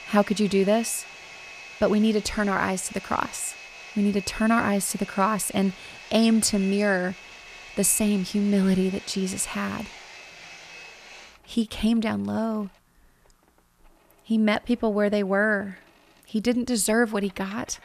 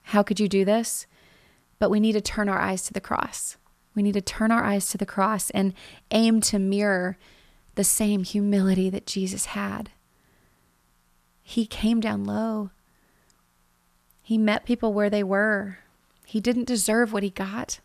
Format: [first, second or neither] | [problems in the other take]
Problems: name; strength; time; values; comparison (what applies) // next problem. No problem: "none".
second | household noises; noticeable; throughout; 15 dB below the speech